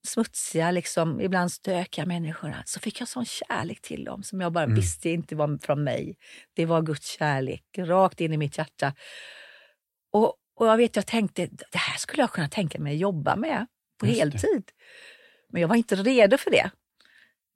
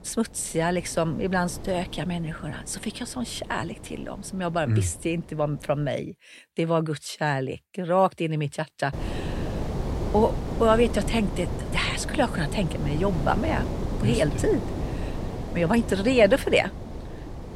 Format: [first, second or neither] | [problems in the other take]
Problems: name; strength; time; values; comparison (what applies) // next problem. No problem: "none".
first | wind noise on the microphone; occasional gusts; until 6 s and from 9 s on; 10 dB below the speech